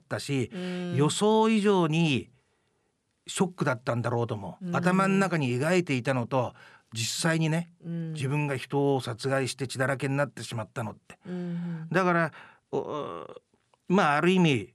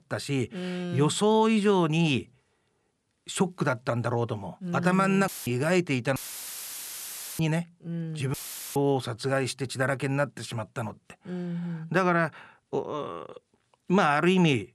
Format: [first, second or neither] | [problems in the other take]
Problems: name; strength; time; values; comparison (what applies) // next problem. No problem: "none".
first | audio cutting out; filled with static; at 5.5 s, at 6 s for 1 s and at 8.5 s